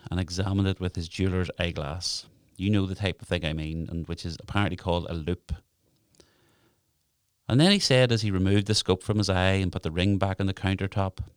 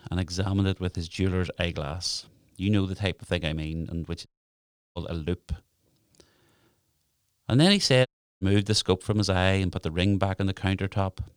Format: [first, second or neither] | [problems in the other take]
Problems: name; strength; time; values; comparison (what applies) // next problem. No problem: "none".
first | audio cutting out; at 4.5 s for 0.5 s and at 8 s